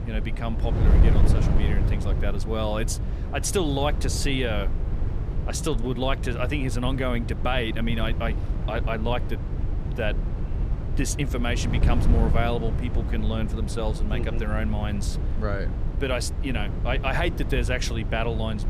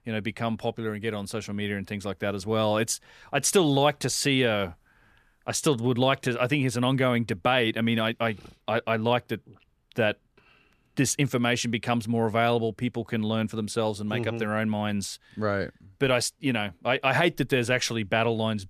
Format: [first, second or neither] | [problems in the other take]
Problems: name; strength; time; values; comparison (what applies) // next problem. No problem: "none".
second | wind noise on the microphone; heavy; 9 dB below the speech